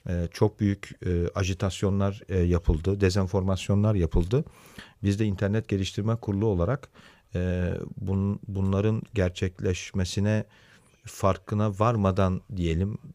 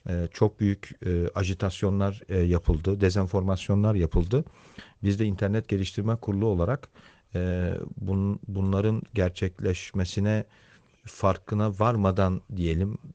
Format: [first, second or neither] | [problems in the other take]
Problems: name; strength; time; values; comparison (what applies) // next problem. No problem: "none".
first | garbled, watery; slightly